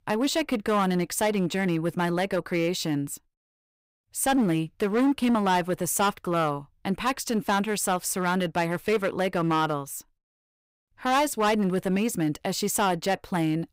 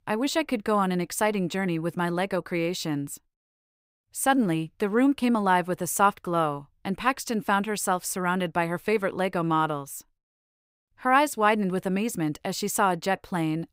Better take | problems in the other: second | distortion; slight; 7% of the sound clipped

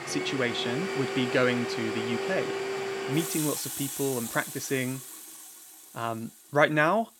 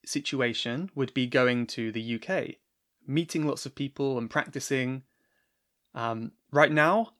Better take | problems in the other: second | household noises; loud; throughout; 4 dB below the speech

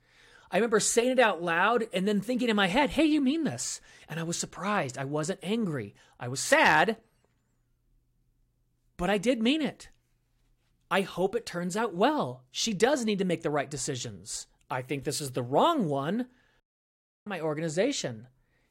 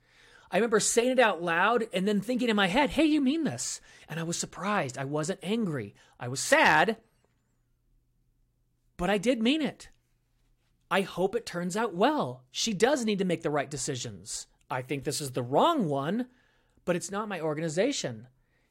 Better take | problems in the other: second | audio cutting out; at 17 s for 0.5 s

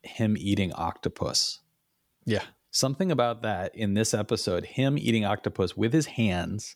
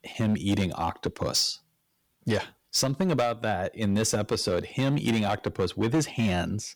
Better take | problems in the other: first | distortion; slight; 6% of the sound clipped

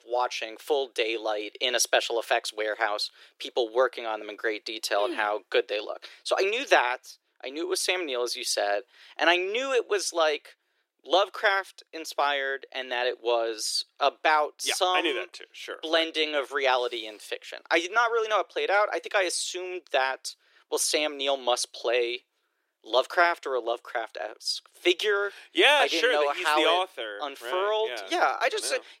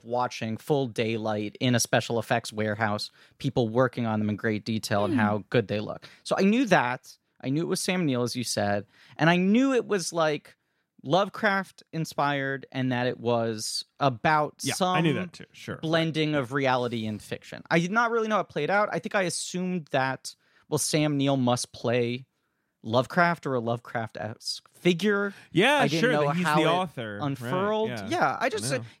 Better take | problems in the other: second | thin; very; fading below 350 Hz

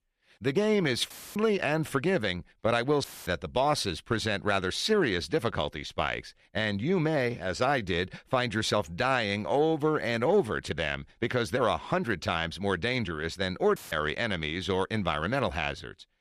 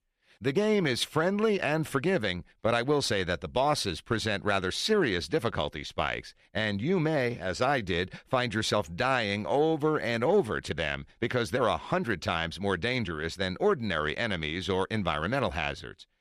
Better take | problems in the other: second | audio cutting out; filled with static; at 1 s, at 3 s and at 14 s

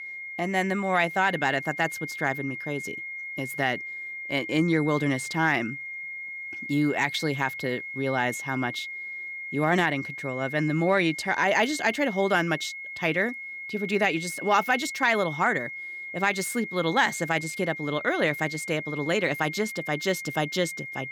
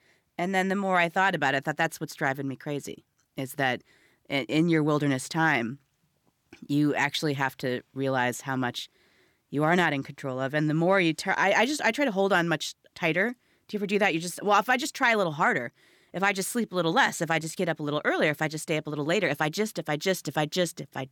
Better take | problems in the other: second | high-pitched whine; loud; throughout; 2 kHz, 8 dB below the speech

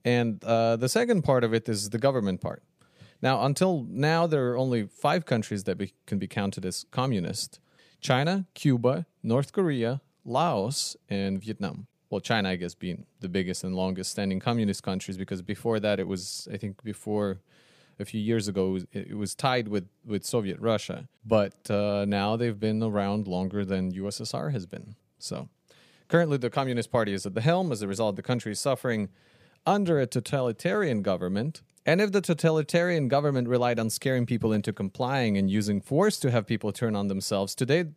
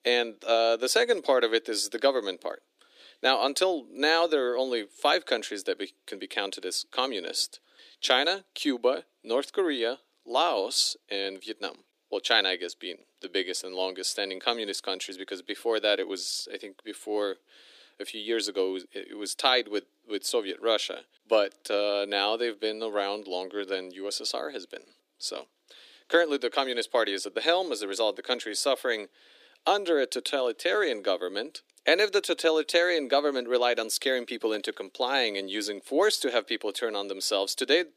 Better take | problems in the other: first | thin; somewhat; fading below 300 Hz

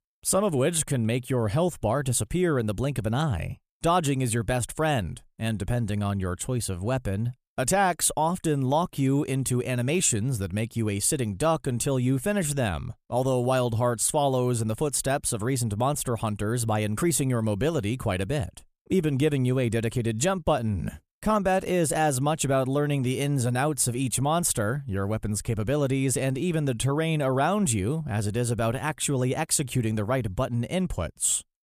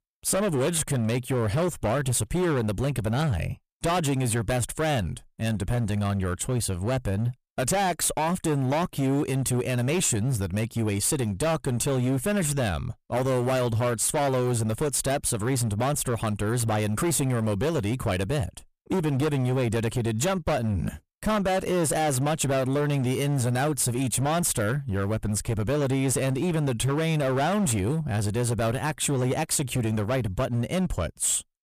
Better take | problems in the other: first | distortion; slight; 21% of the sound clipped

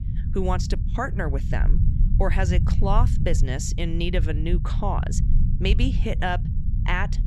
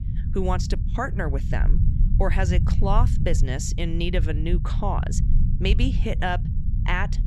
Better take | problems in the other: neither | low rumble; noticeable; throughout; 10 dB below the speech; the same in both

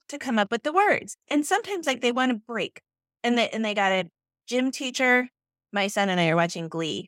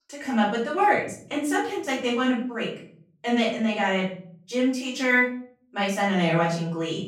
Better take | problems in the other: first | off-mic speech; far // room echo; noticeable; dies away in 0.9 s

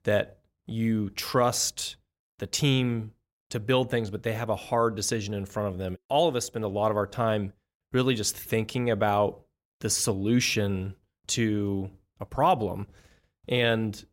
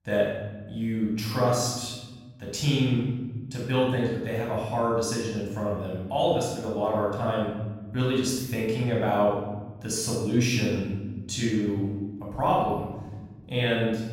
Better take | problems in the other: first | off-mic speech; far // room echo; strong; dies away in 1.2 s

